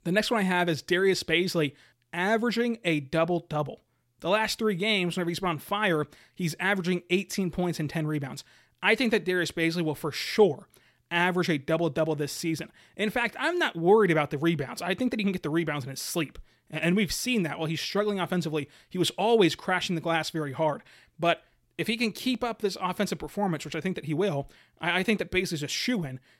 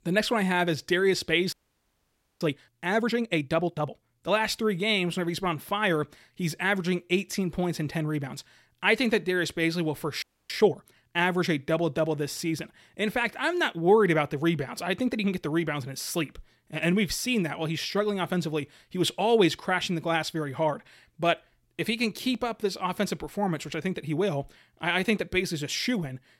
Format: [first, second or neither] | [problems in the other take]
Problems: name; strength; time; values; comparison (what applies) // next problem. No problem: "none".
first | audio freezing; at 1.5 s for 1 s and at 10 s